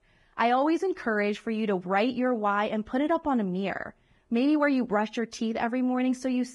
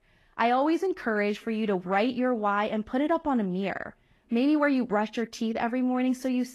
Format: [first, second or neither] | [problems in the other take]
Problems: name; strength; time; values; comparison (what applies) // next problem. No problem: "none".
second | garbled, watery; badly; nothing above 11 kHz; slightly in the second